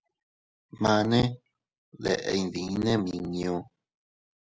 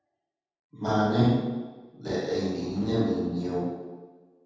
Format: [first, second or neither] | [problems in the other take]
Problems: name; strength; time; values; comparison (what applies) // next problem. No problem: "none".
first | room echo; dies away in 1.2 s